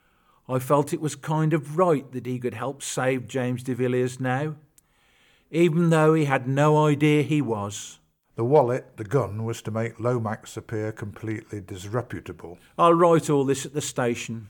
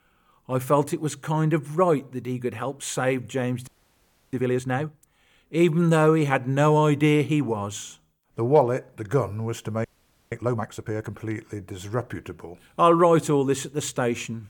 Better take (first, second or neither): first